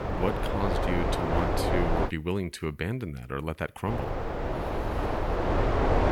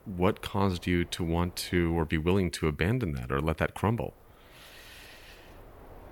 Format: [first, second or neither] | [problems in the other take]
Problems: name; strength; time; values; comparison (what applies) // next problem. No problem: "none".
second | wind noise on the microphone; heavy; until 2 s and from 4 s on; 5 dB above the speech; occasional gusts in the second